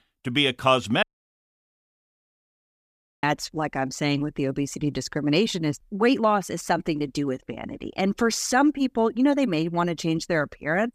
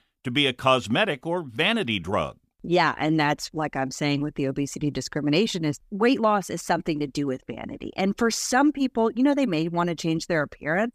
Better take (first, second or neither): second